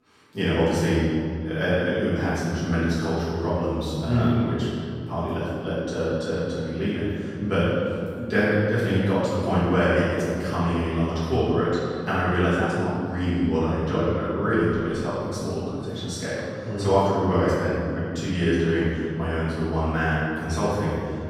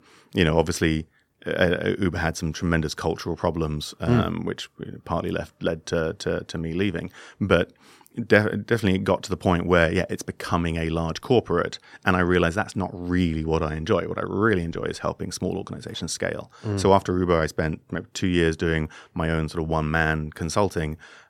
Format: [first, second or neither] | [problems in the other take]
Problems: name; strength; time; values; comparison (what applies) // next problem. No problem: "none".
second | room echo; strong; dies away in 2.3 s // off-mic speech; far